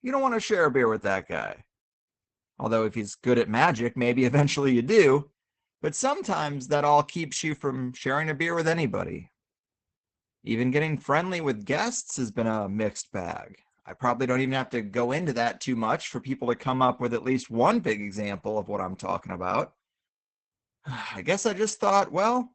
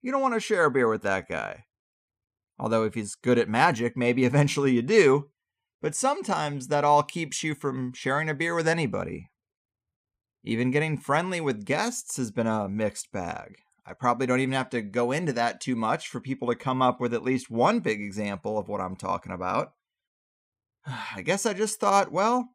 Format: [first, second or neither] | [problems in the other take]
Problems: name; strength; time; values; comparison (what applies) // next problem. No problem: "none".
second | garbled, watery; badly; nothing above 8 kHz